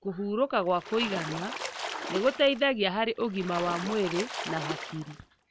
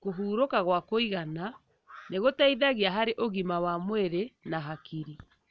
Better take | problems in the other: second | background sound (Splash, splatter); 8 dB below the speech

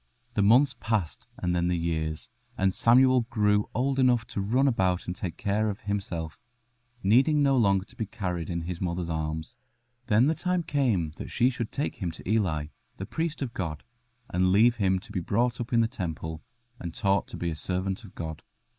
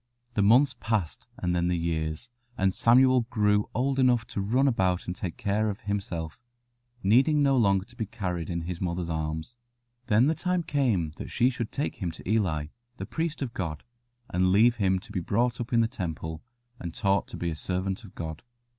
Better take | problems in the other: second | noise reduction (neural mask model Resemble Enhance denoiser)

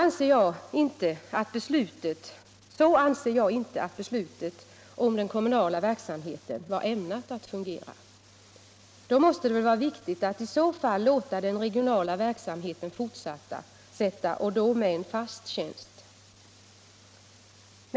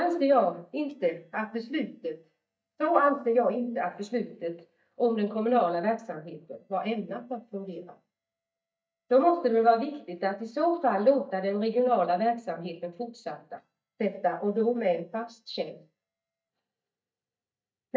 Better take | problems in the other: first | noise reduction (neural mask model DeepFilterNet 3)

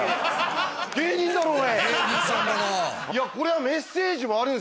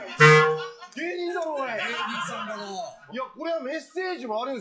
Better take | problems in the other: first | noise reduction (classical method WPE with log-MMSE)

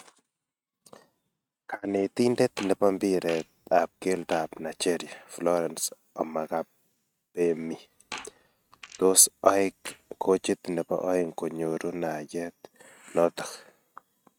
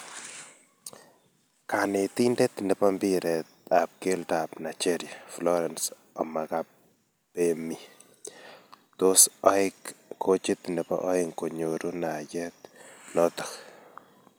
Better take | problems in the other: second | noise reduction (neural mask model RNNoise)

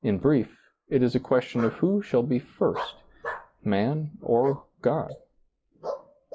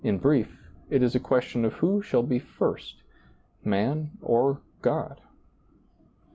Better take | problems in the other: second | noise reduction (neural mask model Resemble Enhance denoiser)

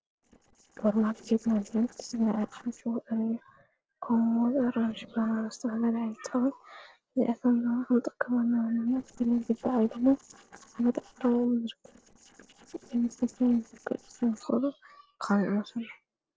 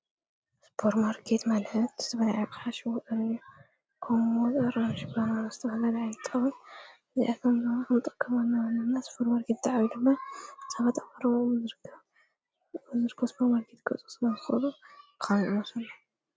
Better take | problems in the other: second | noise reduction (neural separator model SepFormer DNS4)

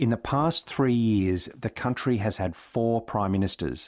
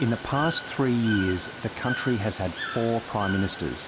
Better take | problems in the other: first | background sound (Water / Bird); 8 dB below the speech

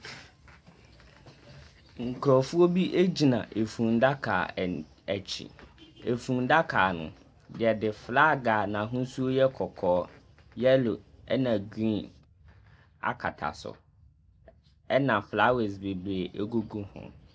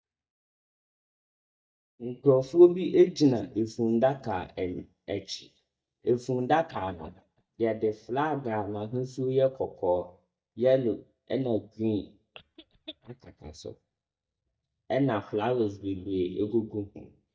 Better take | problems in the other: first | noise reduction (neural mask model DeepFilterNet 3)

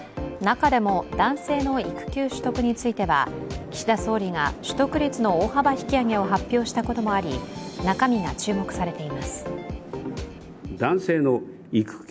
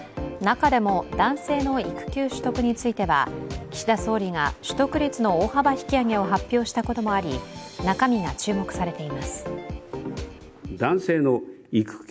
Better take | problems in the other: second | background sound (Chatter / Traffic noise, roadway noise / Train); 16 dB below the speech

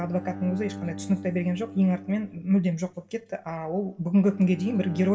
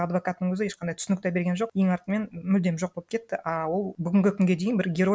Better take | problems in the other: second | background sound (Bowed string instrument); 15 dB below the speech // room echo; dies away in 0.7 s

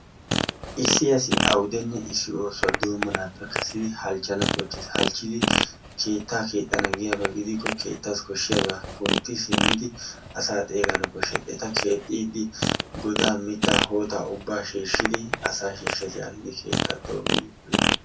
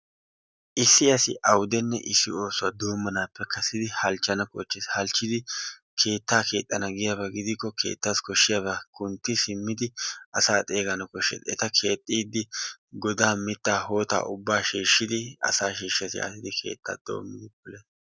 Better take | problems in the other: second | background sound (Fart); 1 dB above the speech // room echo; dies away in 0.3 s

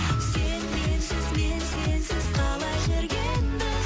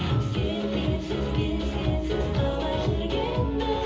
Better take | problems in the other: first | room echo; dies away in 0.7 s

